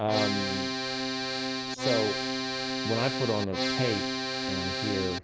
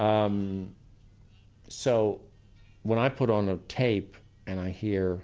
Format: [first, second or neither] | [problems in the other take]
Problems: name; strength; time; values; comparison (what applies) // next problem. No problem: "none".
second | background sound (Accordion); 1 dB above the speech